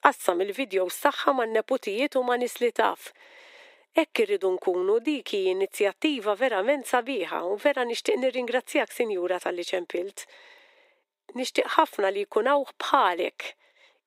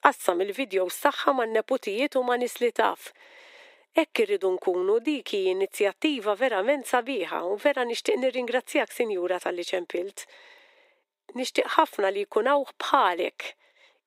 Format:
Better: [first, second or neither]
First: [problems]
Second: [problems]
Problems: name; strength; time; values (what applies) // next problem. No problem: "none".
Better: neither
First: thin; somewhat; fading below 350 Hz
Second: thin; somewhat; fading below 350 Hz